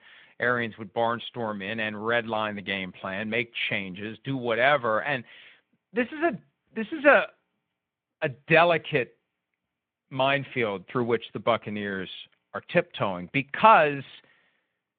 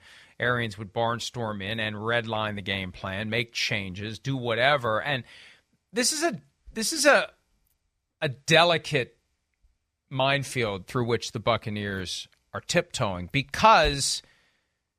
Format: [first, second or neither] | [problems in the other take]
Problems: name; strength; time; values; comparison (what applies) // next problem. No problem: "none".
second | phone-call audio; nothing above 3.5 kHz